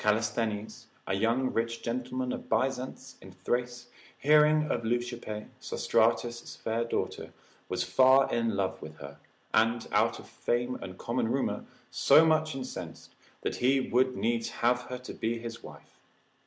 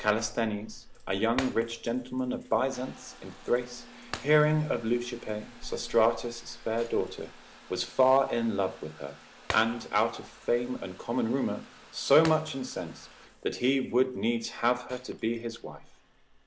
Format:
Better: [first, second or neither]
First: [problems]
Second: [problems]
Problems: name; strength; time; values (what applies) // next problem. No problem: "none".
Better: first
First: none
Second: background sound (Shatter + Trickle, dribble / Bathtub (filling or washing) / Water tap, faucet); 16 dB below the speech